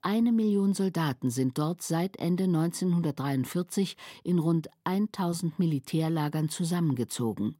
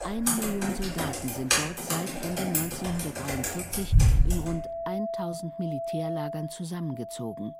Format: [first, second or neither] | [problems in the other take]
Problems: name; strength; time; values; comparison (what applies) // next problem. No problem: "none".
first | household noises; very loud; throughout; 5 dB above the speech